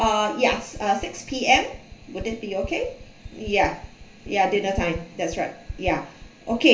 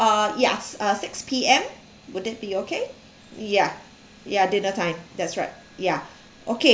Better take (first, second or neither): second